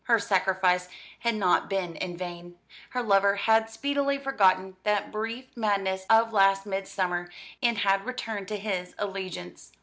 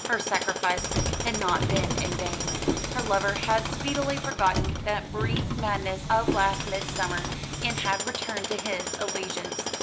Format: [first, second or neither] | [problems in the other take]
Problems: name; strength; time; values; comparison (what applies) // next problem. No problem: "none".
first | background sound (Tools + Subway, metro, underground); as loud as the speech